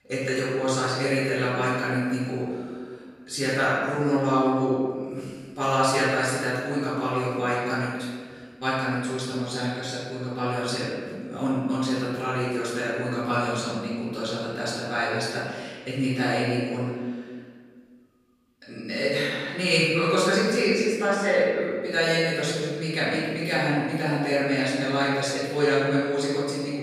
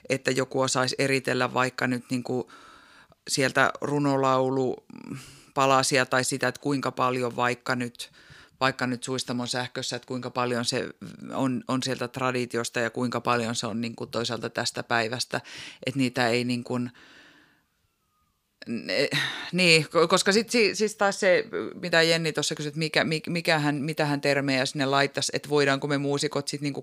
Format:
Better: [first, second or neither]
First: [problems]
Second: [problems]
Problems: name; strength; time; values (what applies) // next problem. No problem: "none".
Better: second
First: off-mic speech; far // room echo; strong; dies away in 1.6 s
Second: none